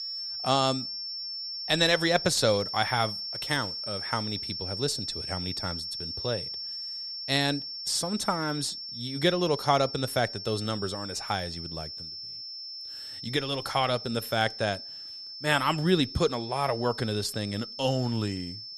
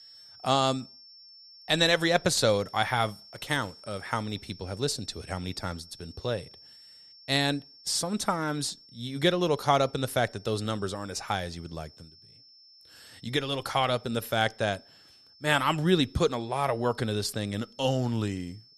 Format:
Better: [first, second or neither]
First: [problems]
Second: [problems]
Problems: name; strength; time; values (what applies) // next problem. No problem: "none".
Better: second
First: high-pitched whine; loud; throughout; 5.5 kHz, 6 dB below the speech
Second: high-pitched whine; faint; throughout; 5.5 kHz, 20 dB below the speech